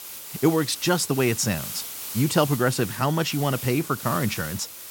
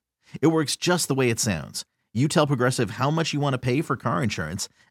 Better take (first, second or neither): second